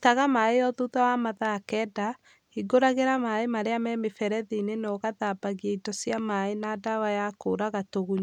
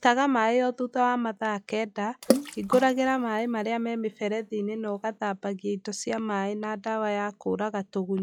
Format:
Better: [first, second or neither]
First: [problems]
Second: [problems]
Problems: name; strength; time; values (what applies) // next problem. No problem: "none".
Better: first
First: none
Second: noise reduction (classical method log-MMSE)